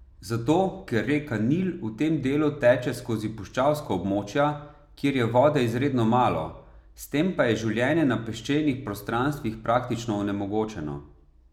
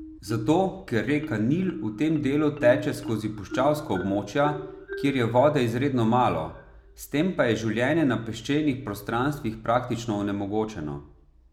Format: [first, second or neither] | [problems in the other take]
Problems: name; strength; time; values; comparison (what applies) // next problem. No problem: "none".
first | background sound (Marimba, xylophone); 14 dB below the speech